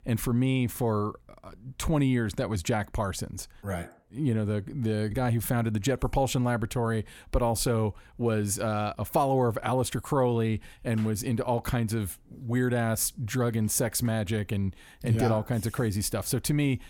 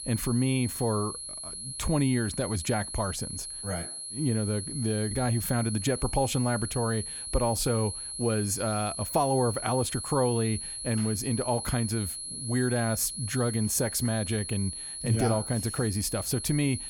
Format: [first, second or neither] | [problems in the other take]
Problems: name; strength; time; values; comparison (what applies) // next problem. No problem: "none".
first | high-pitched whine; loud; throughout; 10.5 kHz, 6 dB below the speech